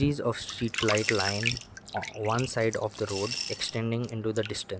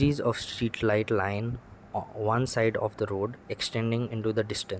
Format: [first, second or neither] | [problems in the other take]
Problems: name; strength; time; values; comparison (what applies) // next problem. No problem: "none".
second | background sound (Coin (dropping) / Glass + Bathtub (filling or washing)); 7 dB below the speech